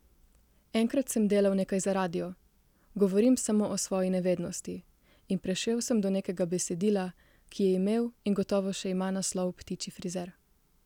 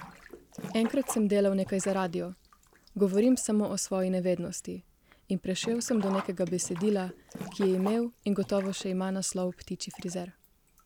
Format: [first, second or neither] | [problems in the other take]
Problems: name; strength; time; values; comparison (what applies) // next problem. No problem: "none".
first | background sound (Sink (filling or washing)); 16 dB below the speech